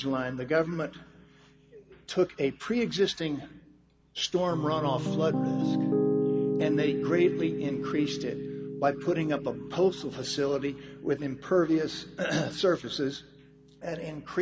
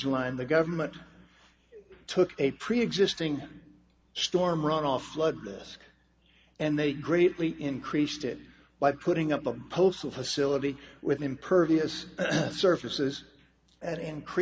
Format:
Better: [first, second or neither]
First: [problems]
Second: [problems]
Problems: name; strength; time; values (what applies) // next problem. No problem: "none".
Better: second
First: background sound (Piano); 4 dB below the speech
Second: none